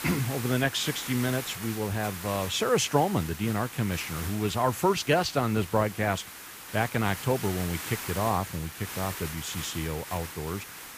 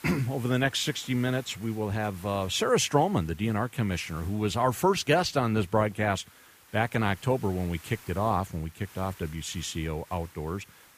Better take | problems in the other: second | hiss; loud; throughout; 9 dB below the speech; faint in the second

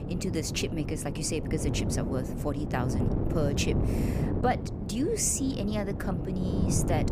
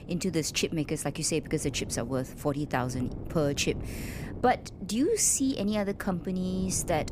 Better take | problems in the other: second | wind noise on the microphone; heavy; 5 dB below the speech; occasional gusts in the second

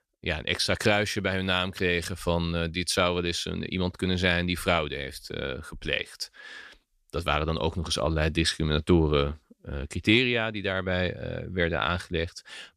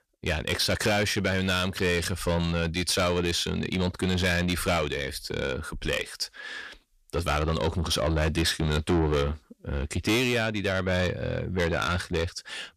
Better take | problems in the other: first | distortion; heavy; 7 dB below the speech

